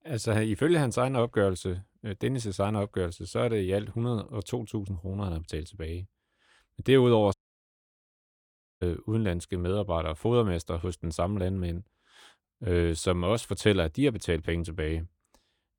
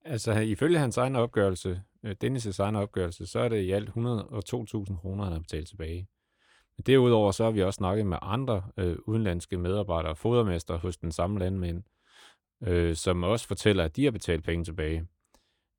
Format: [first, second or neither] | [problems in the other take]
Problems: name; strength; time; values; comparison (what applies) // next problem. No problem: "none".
second | audio cutting out; at 7.5 s for 1.5 s